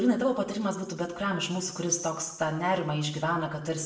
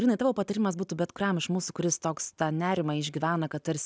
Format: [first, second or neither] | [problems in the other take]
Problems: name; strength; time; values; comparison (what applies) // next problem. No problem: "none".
second | room echo; dies away in 0.7 s